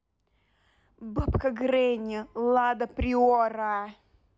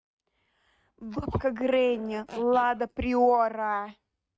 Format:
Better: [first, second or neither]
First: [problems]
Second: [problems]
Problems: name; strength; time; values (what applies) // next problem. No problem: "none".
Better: first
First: none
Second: noise reduction (neural mask model RNNoise)